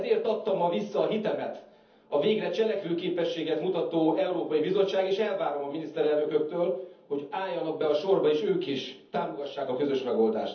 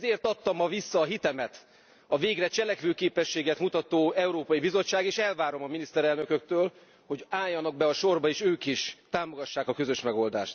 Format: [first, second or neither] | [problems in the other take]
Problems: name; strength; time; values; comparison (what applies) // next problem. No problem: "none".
second | room echo; dies away in 0.7 s